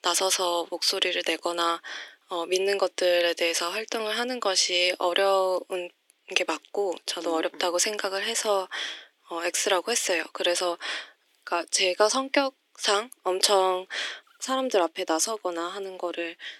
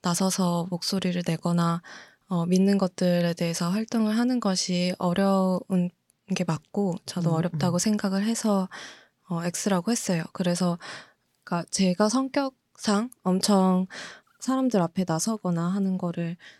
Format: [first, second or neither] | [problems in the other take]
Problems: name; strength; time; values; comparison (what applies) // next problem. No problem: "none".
second | thin; very; fading below 300 Hz